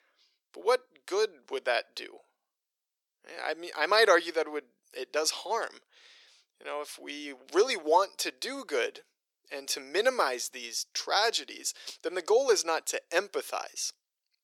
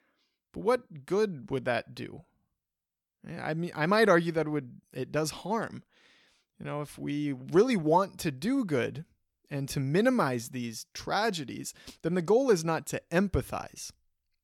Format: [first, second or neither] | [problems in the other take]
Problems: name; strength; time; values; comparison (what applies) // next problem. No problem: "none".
second | thin; very; fading below 400 Hz